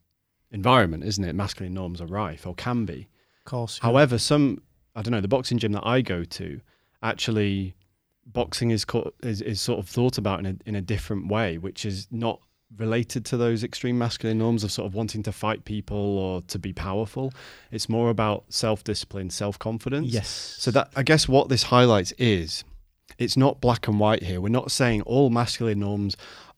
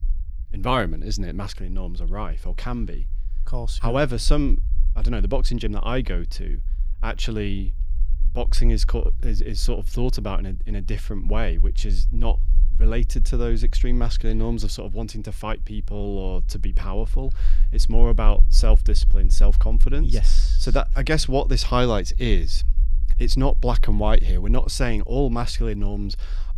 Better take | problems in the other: first | low rumble; faint; throughout; 25 dB below the speech

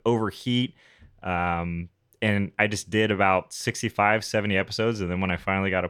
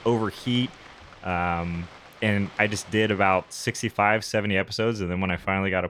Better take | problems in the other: first | rain or running water; faint; throughout; 20 dB below the speech

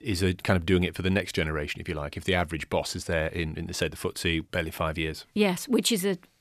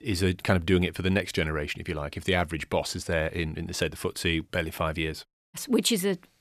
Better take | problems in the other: first | audio cutting out; at 5.5 s

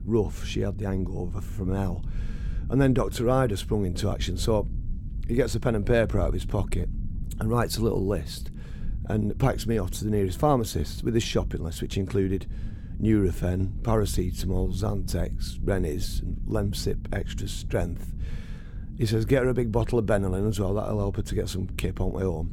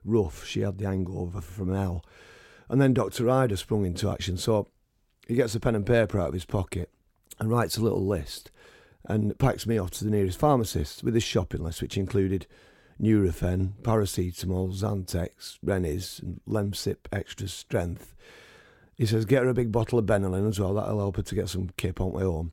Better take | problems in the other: second | low rumble; faint; throughout; 20 dB below the speech

